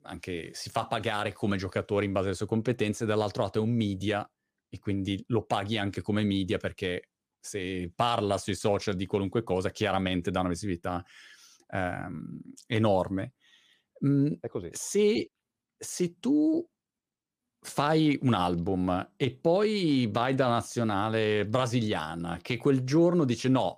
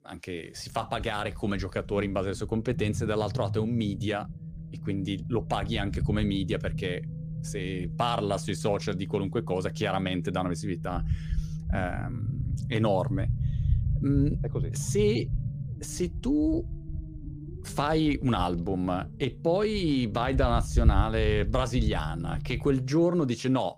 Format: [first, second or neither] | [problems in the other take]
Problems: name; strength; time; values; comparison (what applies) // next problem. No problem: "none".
first | low rumble; noticeable; throughout; 15 dB below the speech